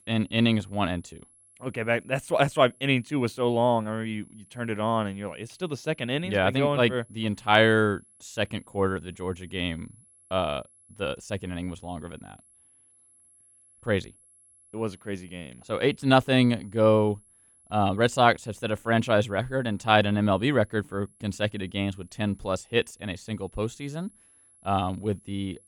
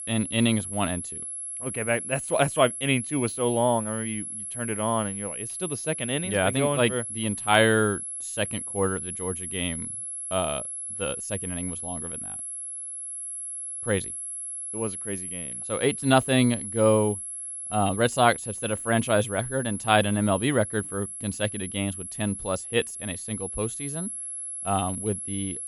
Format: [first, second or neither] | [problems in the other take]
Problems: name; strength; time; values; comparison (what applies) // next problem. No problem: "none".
first | high-pitched whine; loud; throughout; 11 kHz, 6 dB below the speech; faint in the first